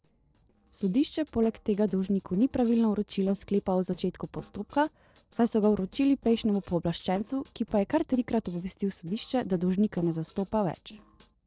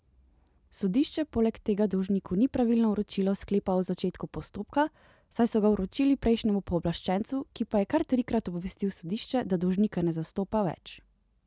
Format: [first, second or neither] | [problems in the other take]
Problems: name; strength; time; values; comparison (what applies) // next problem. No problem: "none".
second | noise reduction (neural separator model SepFormer DNS4)